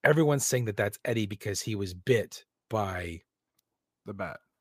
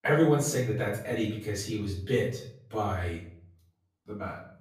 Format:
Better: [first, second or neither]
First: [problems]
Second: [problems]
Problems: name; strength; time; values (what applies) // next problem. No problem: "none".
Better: first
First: none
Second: off-mic speech; far // room echo; noticeable; dies away in 0.5 s